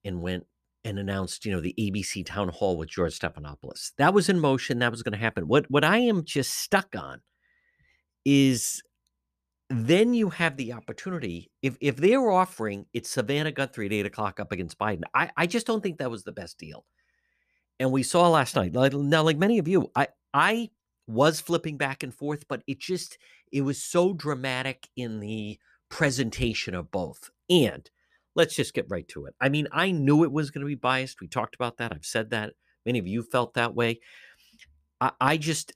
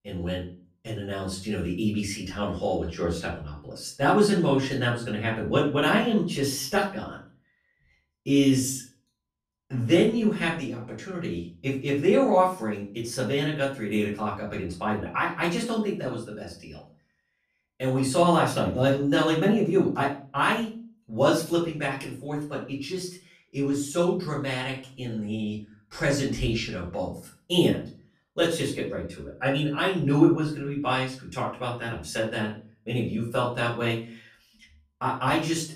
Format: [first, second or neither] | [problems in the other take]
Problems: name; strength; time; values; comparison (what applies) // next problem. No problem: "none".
first | room echo; slight; dies away in 0.3 s // off-mic speech; far